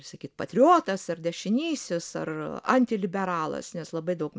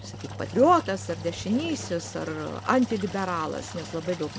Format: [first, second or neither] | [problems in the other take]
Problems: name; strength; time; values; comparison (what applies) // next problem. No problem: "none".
first | background sound (Engine); 12 dB below the speech